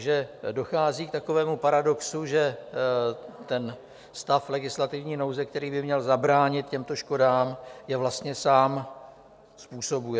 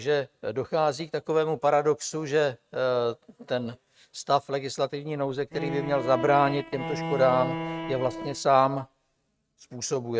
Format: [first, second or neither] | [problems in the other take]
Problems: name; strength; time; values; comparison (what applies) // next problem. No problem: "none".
first | noise reduction (neural mask model RNNoise)